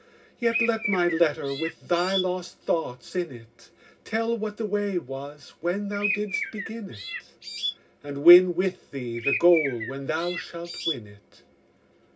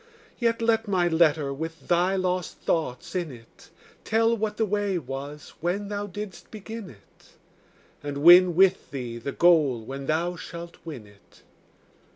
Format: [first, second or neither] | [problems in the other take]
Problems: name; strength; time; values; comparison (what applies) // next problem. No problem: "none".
second | background sound (Bird); 6 dB below the speech // room echo; dies away in 0.4 s